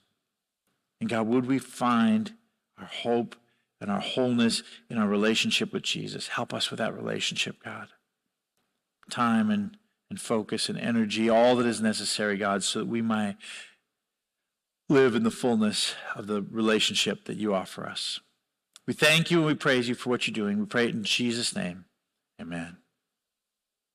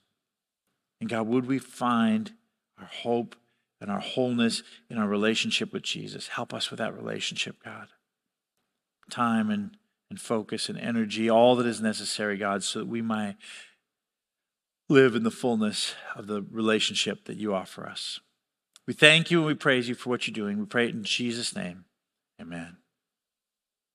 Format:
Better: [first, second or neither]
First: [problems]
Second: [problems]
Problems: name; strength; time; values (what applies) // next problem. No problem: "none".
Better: second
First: distortion; slight; 10 dB below the speech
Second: none